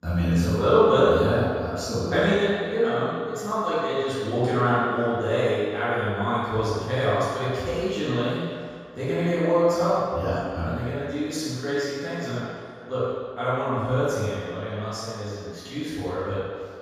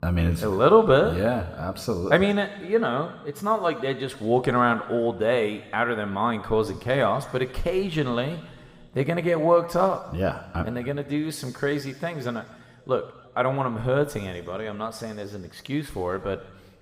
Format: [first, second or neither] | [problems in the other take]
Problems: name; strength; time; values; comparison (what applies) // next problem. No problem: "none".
second | room echo; strong; dies away in 1.8 s; slight in the second // off-mic speech; far